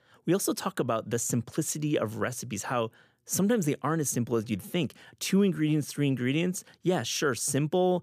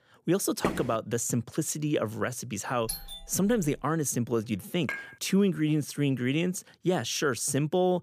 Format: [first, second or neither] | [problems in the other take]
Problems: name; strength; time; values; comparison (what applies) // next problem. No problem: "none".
first | footsteps; noticeable; at 0.5 s; peak 4 dB below the speech // doorbell; noticeable; at 3 s; peak 7 dB below the speech // clattering dishes; noticeable; at 5 s; peak 8 dB below the speech